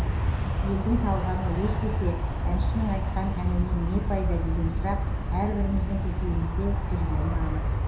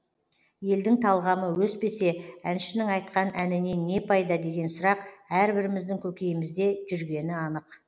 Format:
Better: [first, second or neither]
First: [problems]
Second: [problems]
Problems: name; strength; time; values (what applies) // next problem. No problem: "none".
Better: second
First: background sound (Aircraft); 5 dB above the speech // room echo; dies away in 0.7 s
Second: none